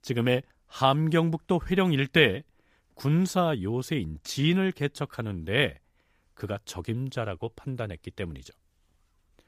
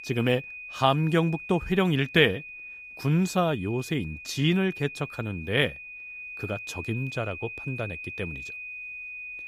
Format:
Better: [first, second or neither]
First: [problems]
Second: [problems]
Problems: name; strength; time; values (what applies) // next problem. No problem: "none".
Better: first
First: none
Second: high-pitched whine; noticeable; throughout; 2.5 kHz, 10 dB below the speech